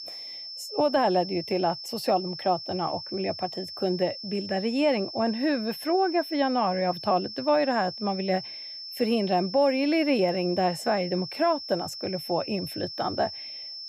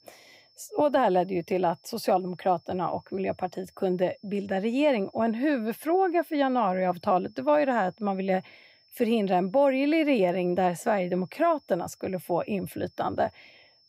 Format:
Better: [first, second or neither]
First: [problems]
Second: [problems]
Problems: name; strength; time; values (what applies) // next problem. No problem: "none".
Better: second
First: high-pitched whine; loud; throughout; 5.5 kHz, 9 dB below the speech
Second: high-pitched whine; faint; throughout; 5.5 kHz, 35 dB below the speech